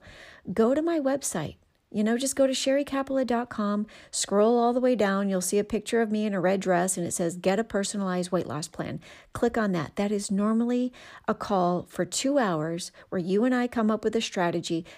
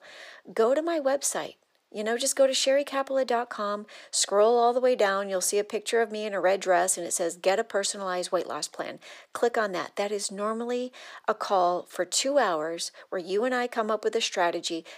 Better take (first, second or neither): first